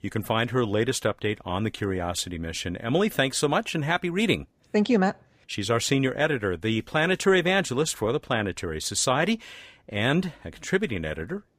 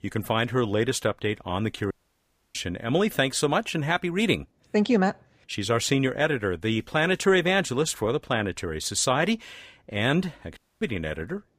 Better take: first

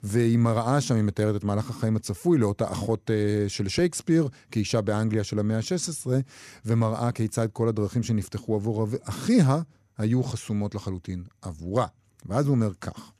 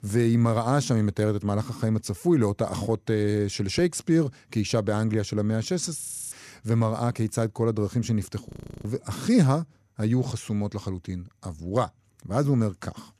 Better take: first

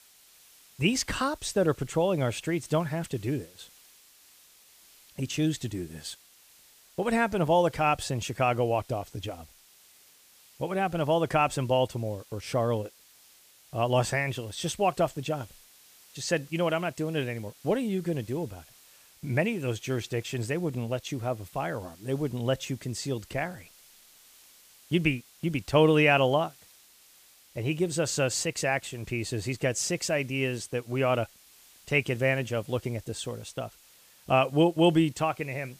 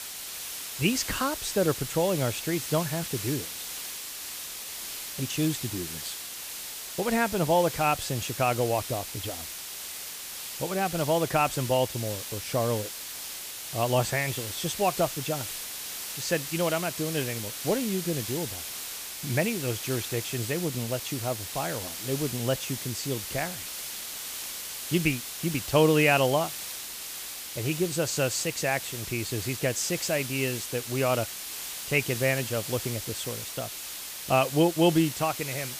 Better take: first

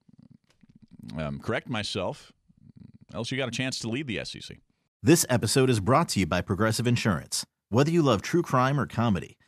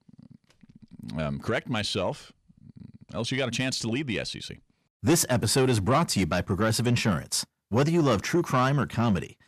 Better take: first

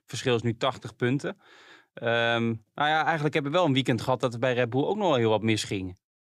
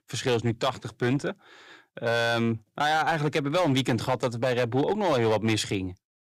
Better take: first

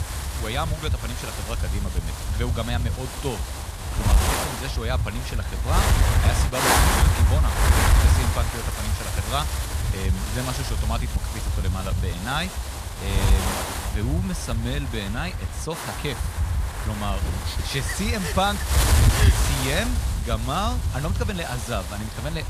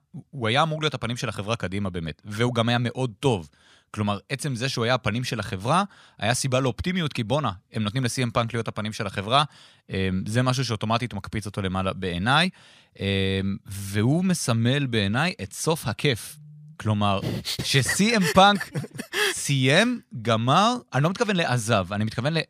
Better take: second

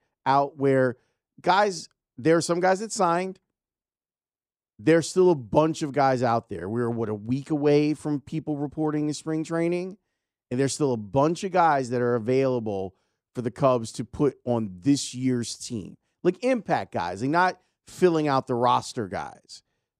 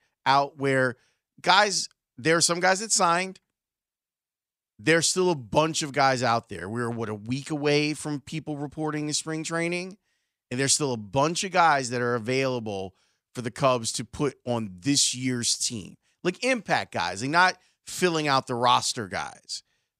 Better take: second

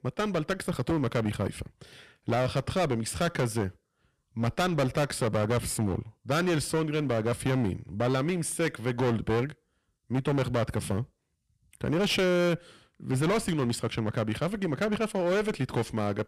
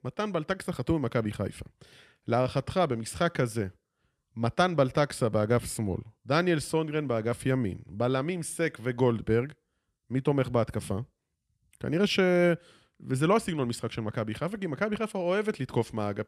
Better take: second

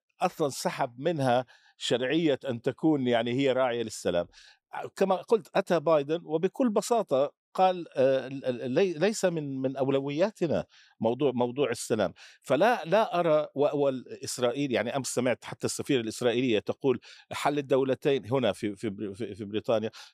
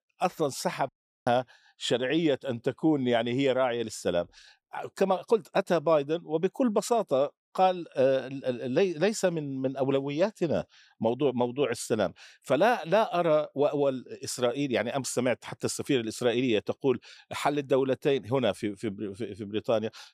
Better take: first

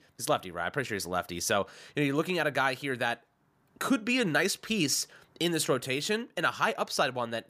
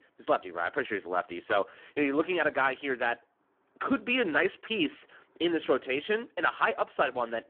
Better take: first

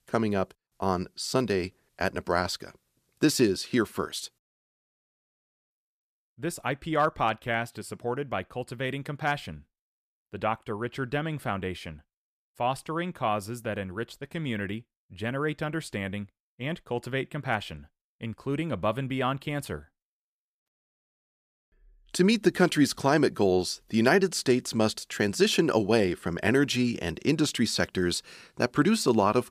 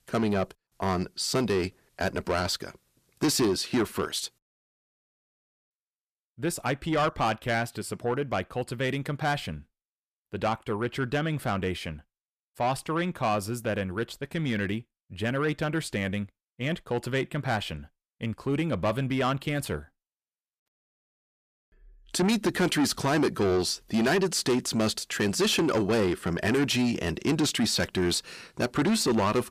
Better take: first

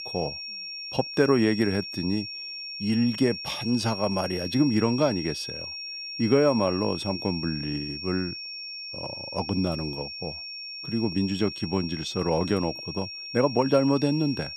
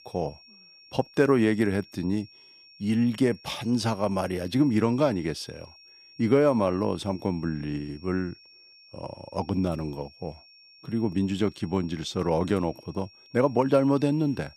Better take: second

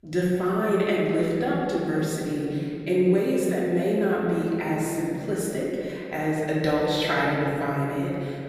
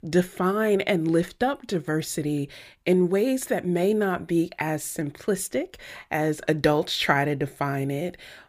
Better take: second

